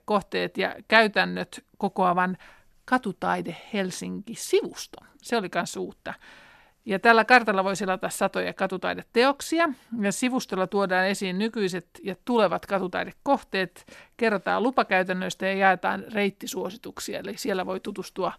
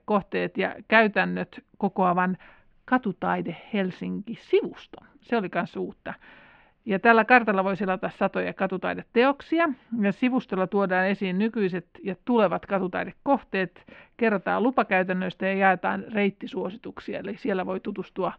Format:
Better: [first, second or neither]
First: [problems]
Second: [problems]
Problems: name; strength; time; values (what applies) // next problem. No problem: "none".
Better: first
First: none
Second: muffled; very; fading above 3 kHz